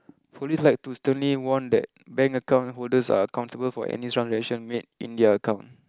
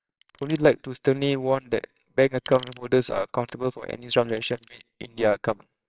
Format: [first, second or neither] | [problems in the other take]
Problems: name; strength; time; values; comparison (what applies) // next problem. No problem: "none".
first | noise reduction (neural separator model SepFormer WHAMR!)